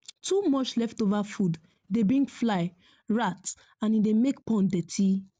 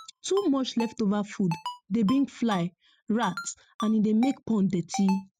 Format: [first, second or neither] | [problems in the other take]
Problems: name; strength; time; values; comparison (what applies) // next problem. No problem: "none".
first | noise reduction (classical method spectral subtraction)